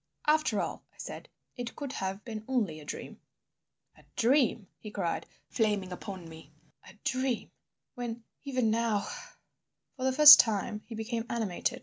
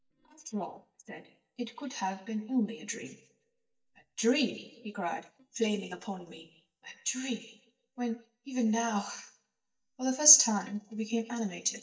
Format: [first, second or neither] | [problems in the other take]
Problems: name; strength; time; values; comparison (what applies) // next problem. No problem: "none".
first | noise reduction (neural mask model DeepFilterNet 3)